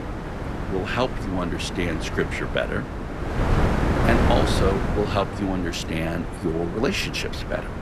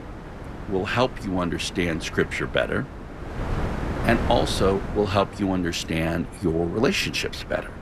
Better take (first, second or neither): second